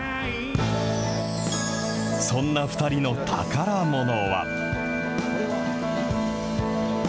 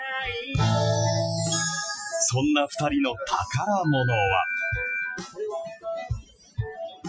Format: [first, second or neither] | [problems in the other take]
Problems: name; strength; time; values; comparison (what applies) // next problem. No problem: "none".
first | noise reduction (classical method Wiener filter)